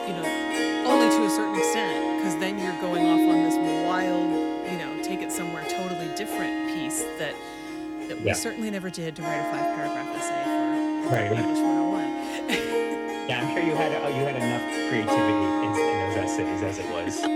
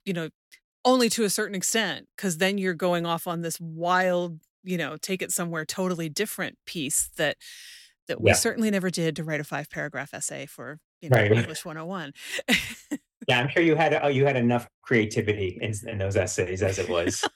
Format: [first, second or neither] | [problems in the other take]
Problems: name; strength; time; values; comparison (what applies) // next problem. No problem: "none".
second | background music; very loud; throughout; 5 dB above the speech